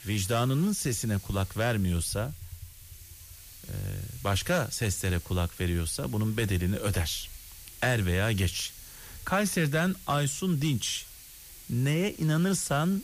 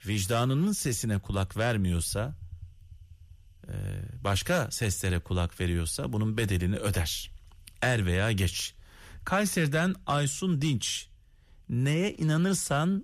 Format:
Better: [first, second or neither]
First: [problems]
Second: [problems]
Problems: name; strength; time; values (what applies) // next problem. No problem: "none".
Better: second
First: hiss; noticeable; throughout; 15 dB below the speech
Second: none